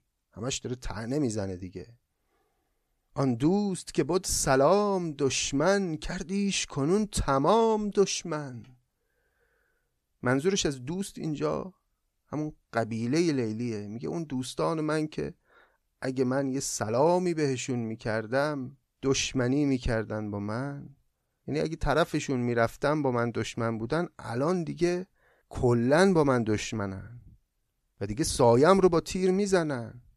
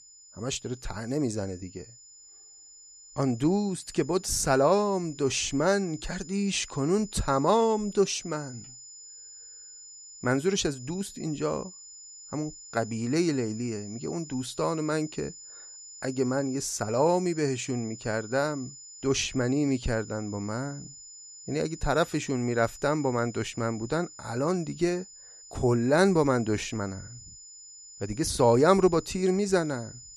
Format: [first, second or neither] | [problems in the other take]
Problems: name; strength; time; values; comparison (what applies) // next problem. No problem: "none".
first | high-pitched whine; noticeable; throughout; 7 kHz, 15 dB below the speech